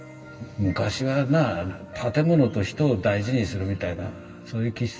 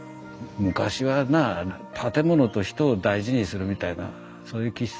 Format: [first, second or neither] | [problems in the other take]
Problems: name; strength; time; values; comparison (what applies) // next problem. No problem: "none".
second | room echo; dies away in 2.4 s